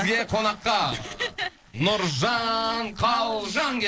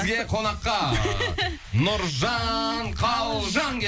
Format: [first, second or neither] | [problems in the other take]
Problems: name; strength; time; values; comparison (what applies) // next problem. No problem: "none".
second | noise reduction (neural separator model SepFormer DNS4)